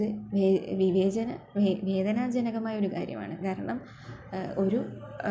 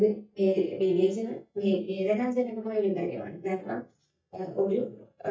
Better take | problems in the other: first | noise reduction (neural mask model DeepFilterNet 3)

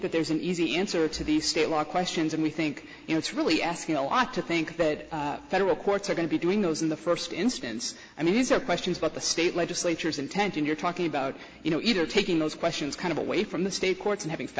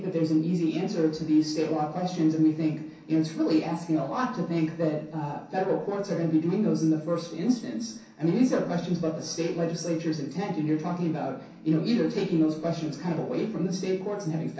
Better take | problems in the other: first | room echo; dies away in 0.6 s

